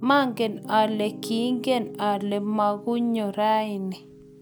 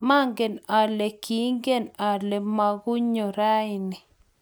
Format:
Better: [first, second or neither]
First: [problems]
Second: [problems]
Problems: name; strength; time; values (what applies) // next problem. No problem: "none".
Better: second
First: background sound (Piano); 15 dB below the speech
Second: none